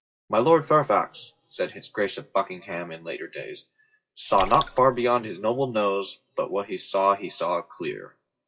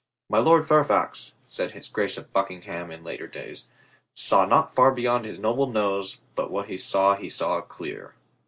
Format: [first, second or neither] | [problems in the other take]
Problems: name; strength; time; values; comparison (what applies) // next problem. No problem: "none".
second | noise reduction (classical method WPE with log-MMSE)